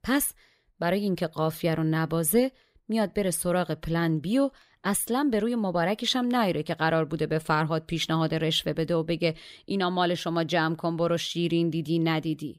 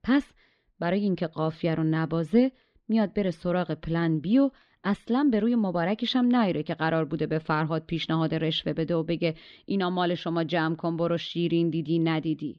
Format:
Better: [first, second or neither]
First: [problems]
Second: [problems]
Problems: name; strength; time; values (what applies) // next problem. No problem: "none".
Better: first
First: none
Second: muffled; very slightly; fading above 4 kHz